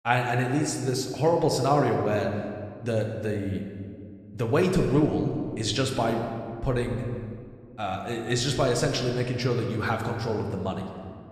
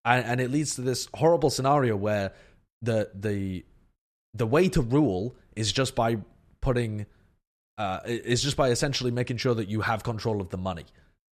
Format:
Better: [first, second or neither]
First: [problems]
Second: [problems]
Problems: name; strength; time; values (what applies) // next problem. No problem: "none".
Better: second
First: room echo; slight; dies away in 1.6 s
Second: none